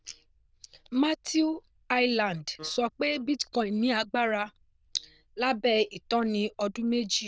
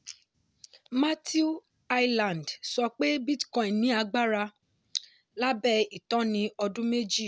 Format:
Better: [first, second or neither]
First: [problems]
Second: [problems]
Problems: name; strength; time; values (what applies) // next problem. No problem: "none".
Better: second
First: noise reduction (neural diffusion model UNIVERSE++)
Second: none